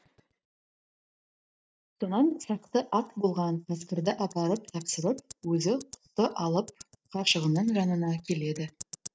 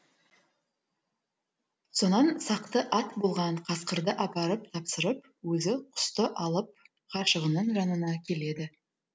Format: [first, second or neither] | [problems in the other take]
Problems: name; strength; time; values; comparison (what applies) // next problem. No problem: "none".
second | noise reduction (neural mask model DeepFilterNet 3)